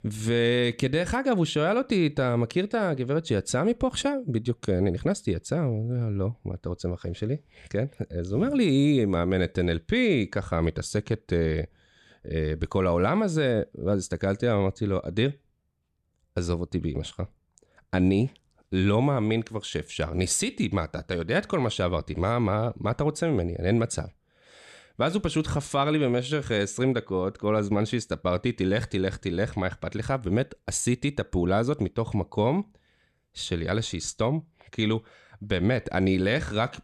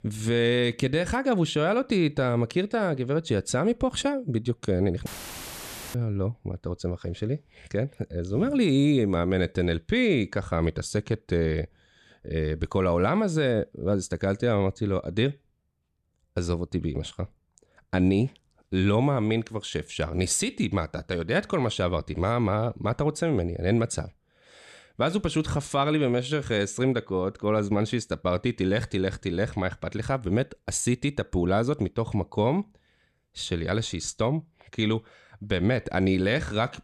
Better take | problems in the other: first | audio cutting out; filled with static; at 5 s for 1 s

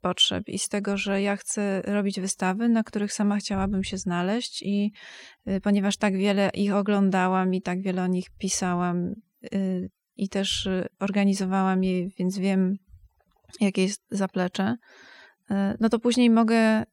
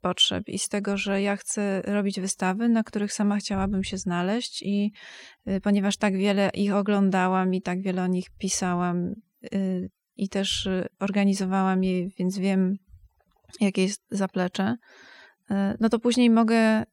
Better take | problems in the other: neither | none

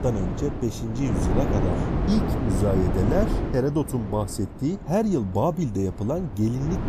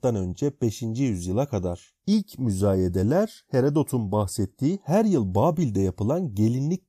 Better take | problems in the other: second | wind noise on the microphone; heavy; 3 dB below the speech

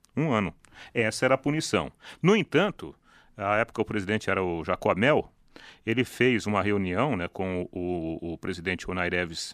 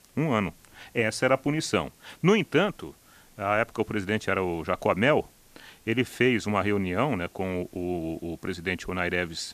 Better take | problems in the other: first | hiss; faint; throughout; 30 dB below the speech

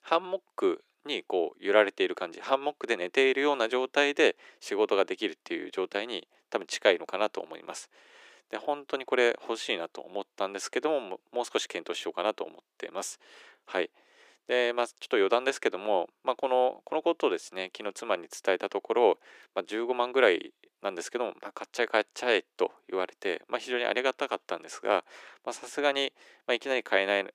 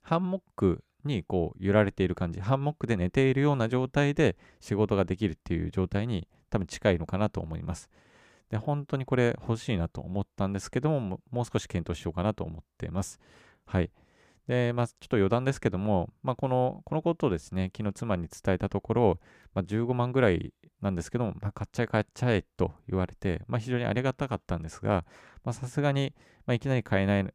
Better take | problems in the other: second | thin; very; fading below 350 Hz

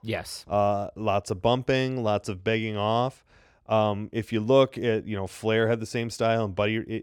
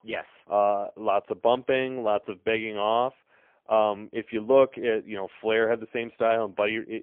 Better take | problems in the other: first | phone-call audio; poor line; nothing above 3.5 kHz

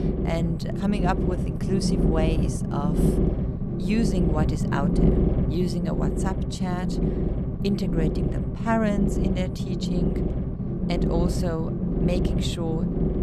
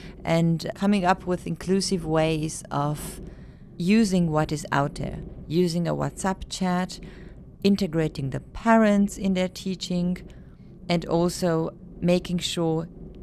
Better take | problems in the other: second | low rumble; loud; throughout; 1 dB below the speech; faint in the second

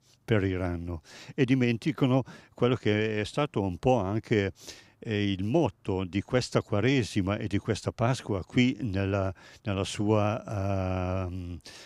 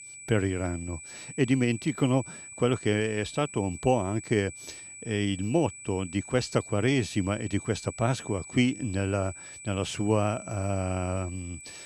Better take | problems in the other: first | high-pitched whine; noticeable; throughout; 8 kHz, 15 dB below the speech

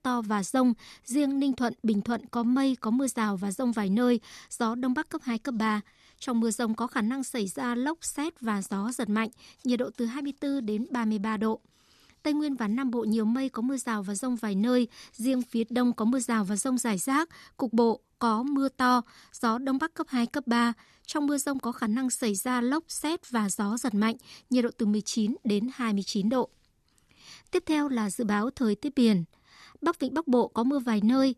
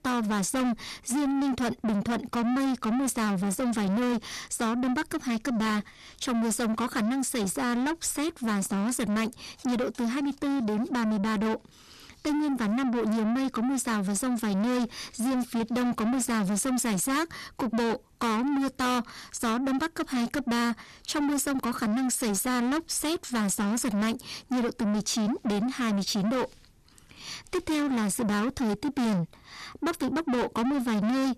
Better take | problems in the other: first | distortion; heavy; 7 dB below the speech

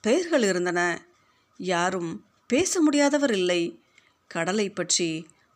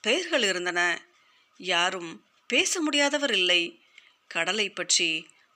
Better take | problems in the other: first | thin; very slightly; fading below 1 kHz

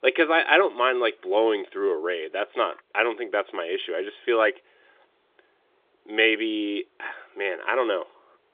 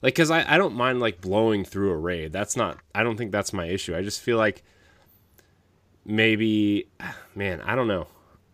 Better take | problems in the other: second | phone-call audio; nothing above 3.5 kHz

